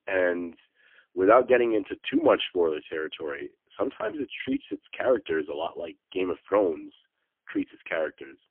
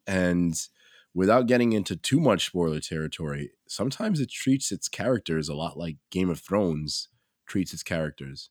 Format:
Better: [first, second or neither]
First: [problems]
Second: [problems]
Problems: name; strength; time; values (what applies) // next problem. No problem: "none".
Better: second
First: phone-call audio; poor line; nothing above 3.5 kHz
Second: none